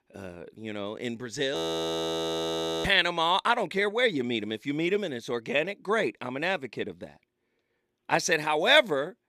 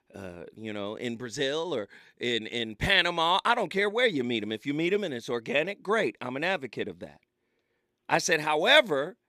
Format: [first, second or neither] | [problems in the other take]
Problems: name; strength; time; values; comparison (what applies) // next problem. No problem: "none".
second | audio freezing; at 1.5 s for 1.5 s